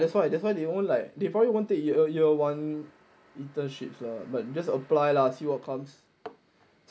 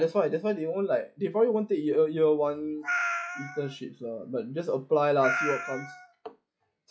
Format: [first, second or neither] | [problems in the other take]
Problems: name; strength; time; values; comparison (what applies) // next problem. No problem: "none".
first | noise reduction (classical method log-MMSE)